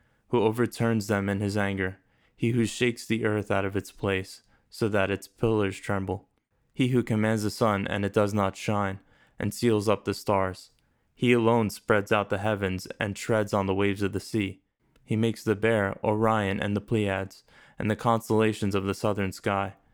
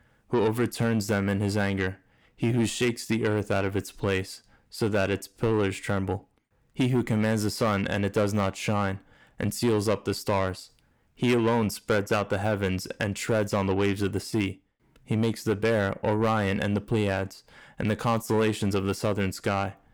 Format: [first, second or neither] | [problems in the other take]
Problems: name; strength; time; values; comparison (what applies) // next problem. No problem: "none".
first | distortion; slight; 10 dB below the speech